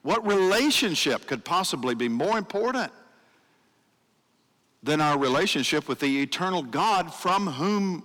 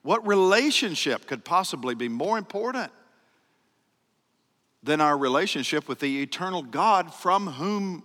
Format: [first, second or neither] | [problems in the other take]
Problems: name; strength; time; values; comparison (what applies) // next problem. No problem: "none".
second | distortion; heavy; 7 dB below the speech